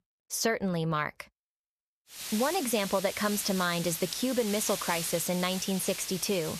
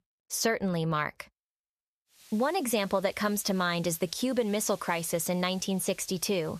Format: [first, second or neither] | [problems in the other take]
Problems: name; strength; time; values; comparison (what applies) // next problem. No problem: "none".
second | hiss; loud; from 2 s on; 6 dB below the speech; faint in the second